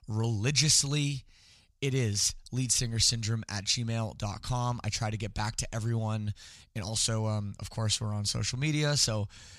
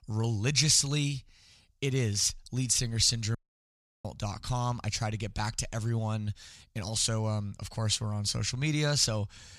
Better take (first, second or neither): first